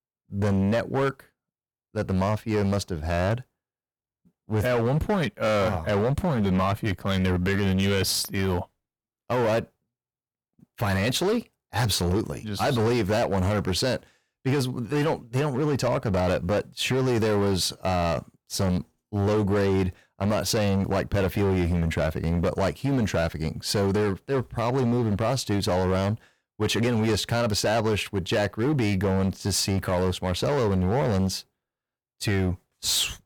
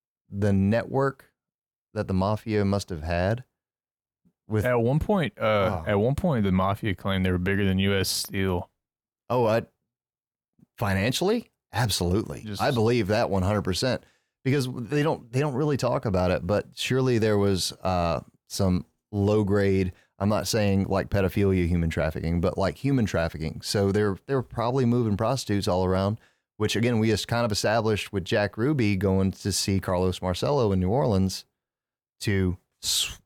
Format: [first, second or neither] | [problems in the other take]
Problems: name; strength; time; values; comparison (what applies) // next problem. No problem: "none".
second | distortion; slight; 15% of the sound clipped